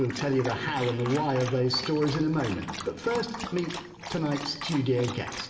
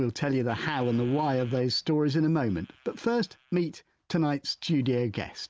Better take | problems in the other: second | background sound (Dog); 11 dB below the speech // room echo; dies away in 2.5 s

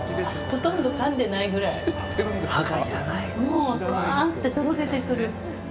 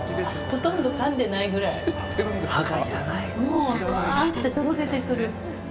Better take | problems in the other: first | background sound (Wood); 11 dB below the speech

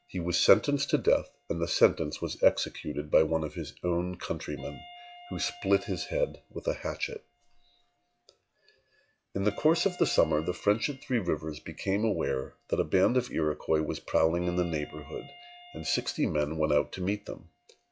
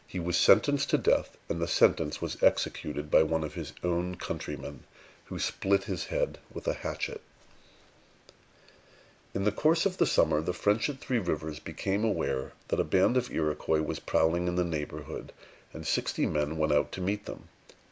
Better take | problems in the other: second | noise reduction (classical method log-MMSE)

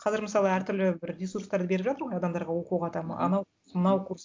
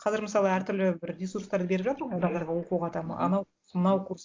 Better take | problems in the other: first | noise reduction (neural mask model Resemble Enhance denoiser)

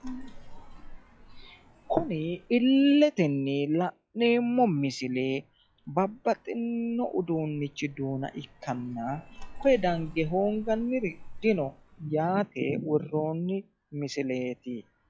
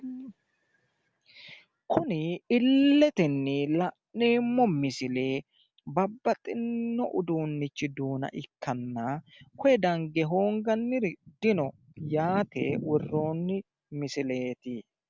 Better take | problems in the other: second | noise reduction (classical method log-MMSE)

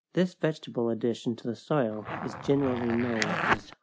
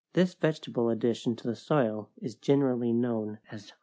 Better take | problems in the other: second | background sound (Zipper (clothing)); 3 dB below the speech

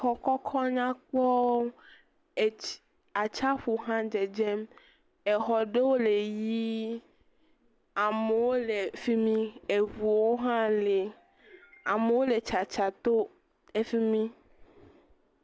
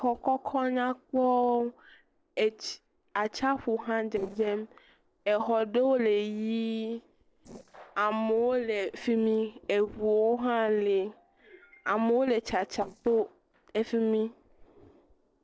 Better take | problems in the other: first | noise reduction (neural separator model SepFormer DNS4)

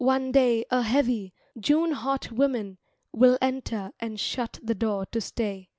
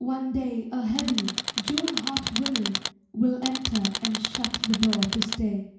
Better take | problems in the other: first | background sound (Tools); 3 dB below the speech // room echo; dies away in 0.6 s

